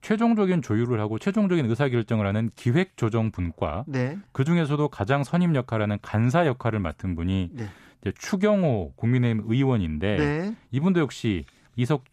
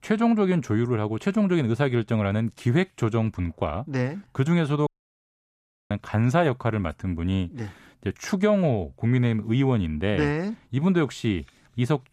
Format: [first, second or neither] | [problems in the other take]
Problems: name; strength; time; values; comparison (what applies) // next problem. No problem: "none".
first | audio cutting out; at 5 s for 1 s